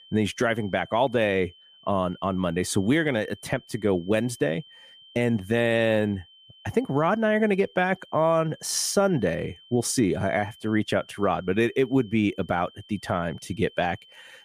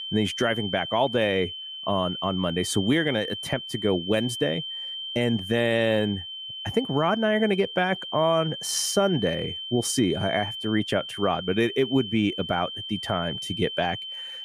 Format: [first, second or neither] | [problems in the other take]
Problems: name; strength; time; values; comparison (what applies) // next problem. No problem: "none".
first | high-pitched whine; loud; throughout; 3 kHz, 7 dB below the speech; faint in the first